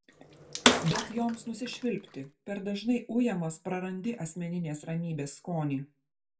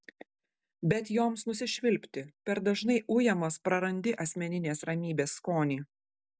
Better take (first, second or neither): second